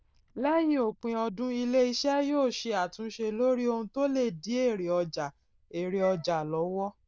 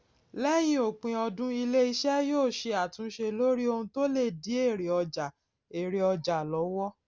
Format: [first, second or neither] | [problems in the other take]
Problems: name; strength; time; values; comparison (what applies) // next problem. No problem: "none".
second | noise reduction (neural diffusion model UNIVERSE++)